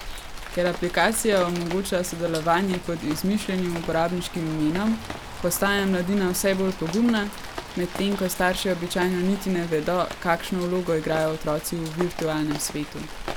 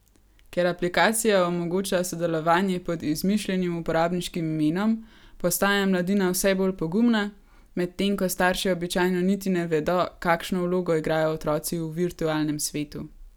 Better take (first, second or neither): second